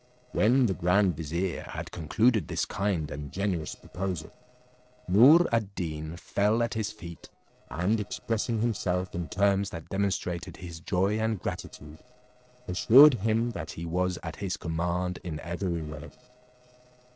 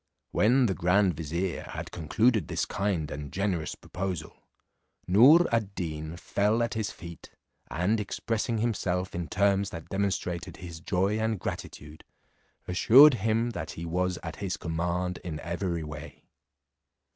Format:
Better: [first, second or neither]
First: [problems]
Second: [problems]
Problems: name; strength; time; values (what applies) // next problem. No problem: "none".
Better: second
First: noise reduction (neural separator model SepFormer DNS4)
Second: none